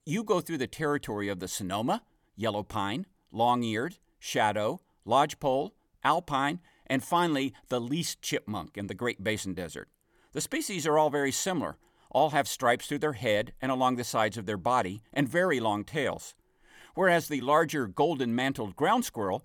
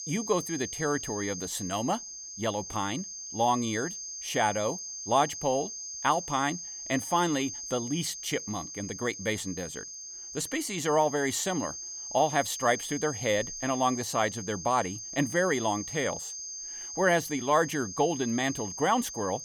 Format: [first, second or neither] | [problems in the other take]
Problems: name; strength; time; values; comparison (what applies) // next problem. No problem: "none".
first | high-pitched whine; loud; throughout; 6.5 kHz, 7 dB below the speech